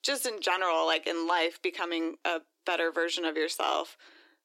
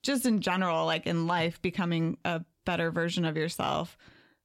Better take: second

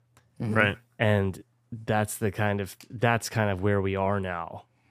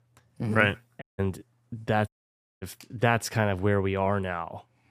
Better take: first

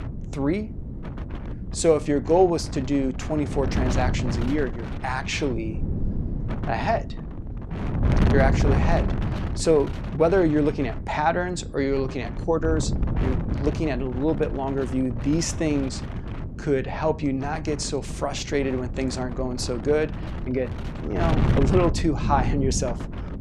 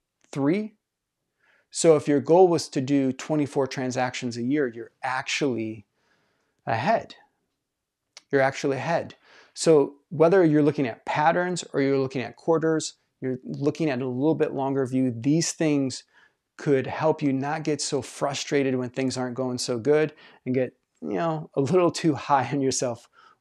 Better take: second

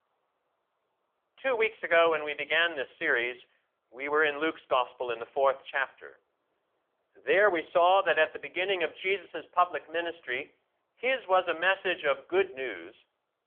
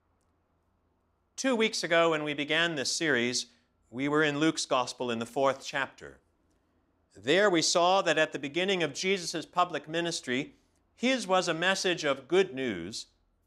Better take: second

